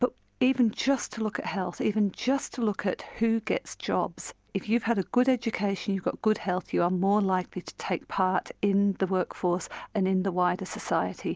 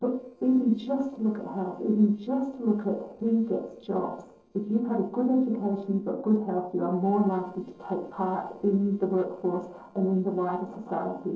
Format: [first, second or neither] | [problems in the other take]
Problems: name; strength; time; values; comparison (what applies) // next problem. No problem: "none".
first | noise reduction (neural separator model SepFormer DNS4)